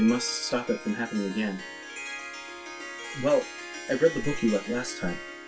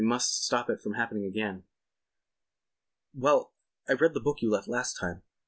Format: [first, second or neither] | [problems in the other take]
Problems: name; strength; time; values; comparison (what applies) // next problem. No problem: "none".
second | background sound (Harp); 11 dB below the speech // room echo; dies away in 0.2 s